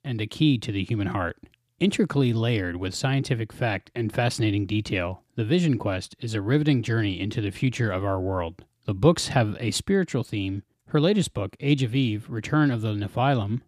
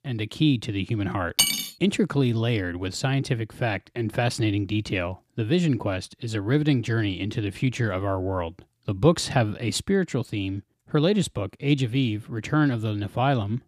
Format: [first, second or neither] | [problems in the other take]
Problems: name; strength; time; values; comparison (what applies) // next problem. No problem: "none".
first | clattering dishes; loud; at 1.5 s; peak 4 dB above the speech